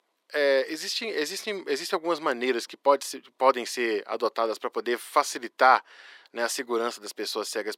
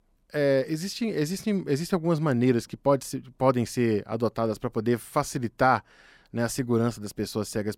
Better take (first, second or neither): second